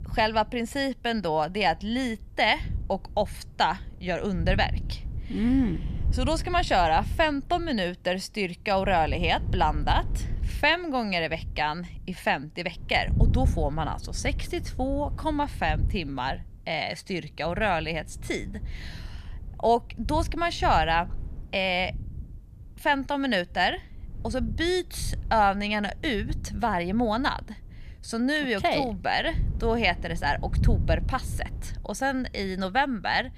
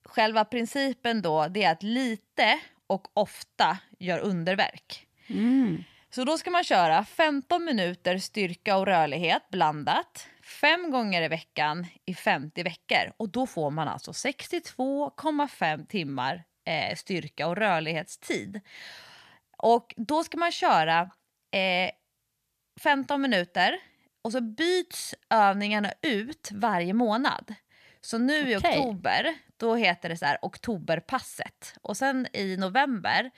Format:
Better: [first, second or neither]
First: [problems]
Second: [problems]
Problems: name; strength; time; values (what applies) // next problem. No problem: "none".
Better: second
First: wind noise on the microphone; occasional gusts; 20 dB below the speech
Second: none